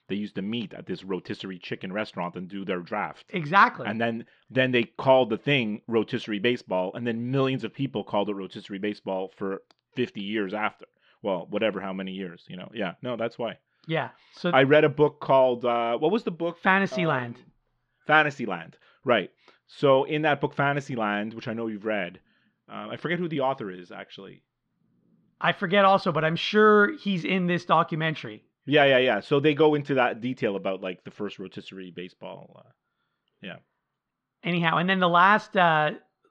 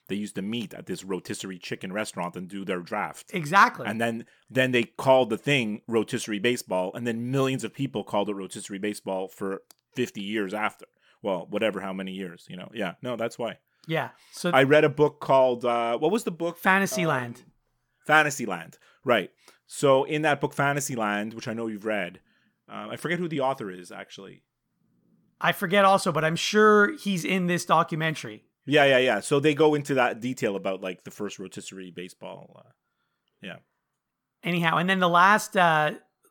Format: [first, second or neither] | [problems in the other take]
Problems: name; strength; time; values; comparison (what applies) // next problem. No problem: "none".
second | muffled; slightly; fading above 4 kHz